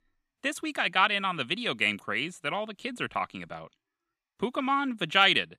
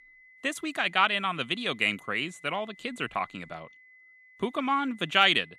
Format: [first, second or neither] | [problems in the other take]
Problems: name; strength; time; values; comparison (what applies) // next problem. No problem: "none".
first | high-pitched whine; faint; throughout; 2 kHz, 25 dB below the speech